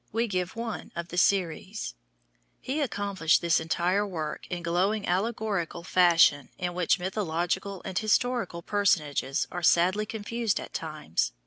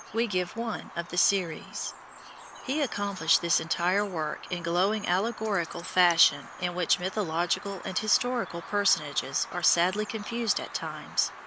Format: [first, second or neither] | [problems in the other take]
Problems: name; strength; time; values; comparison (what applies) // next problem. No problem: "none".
first | background sound (Bird vocalization, bird call, bird song); 15 dB below the speech